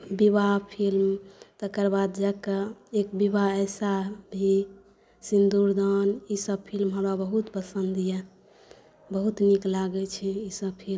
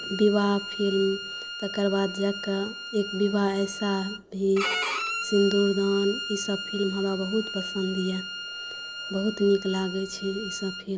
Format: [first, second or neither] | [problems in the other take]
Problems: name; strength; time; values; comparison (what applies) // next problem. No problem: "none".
first | background sound (Bowed string instrument); 8 dB below the speech